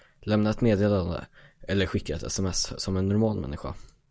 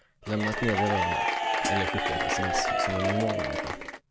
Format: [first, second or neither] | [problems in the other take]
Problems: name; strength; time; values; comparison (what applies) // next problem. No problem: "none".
first | background sound (Applause / Crowd / Cheering + Hi-hat); 4 dB above the speech